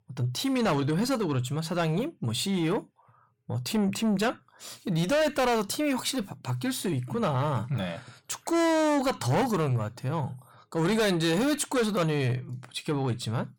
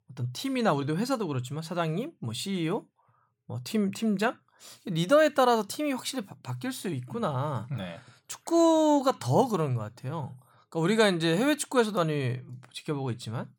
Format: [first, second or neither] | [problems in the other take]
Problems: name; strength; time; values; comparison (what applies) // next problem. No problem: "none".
second | distortion; heavy; 7 dB below the speech